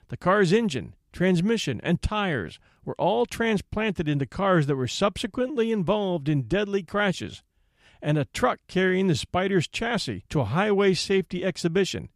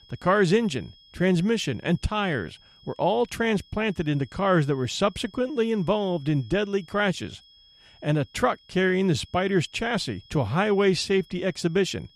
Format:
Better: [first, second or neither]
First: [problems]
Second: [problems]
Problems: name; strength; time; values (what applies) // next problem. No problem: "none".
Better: first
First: none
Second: high-pitched whine; faint; throughout; 3.5 kHz, 30 dB below the speech